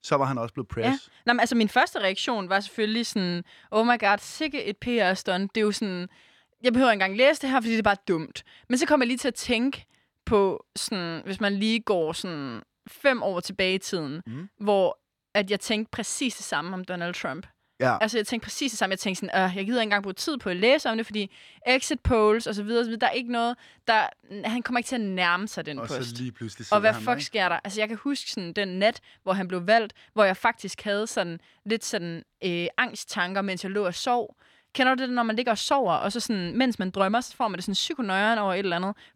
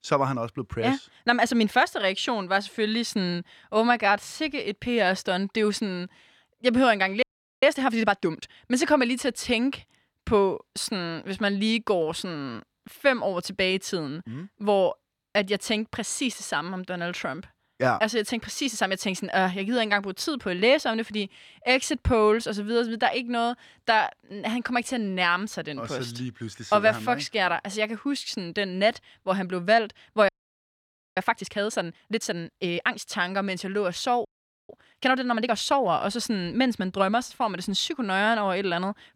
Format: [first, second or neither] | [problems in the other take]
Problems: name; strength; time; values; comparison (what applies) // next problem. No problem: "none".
first | audio freezing; at 7 s, at 30 s for 1 s and at 34 s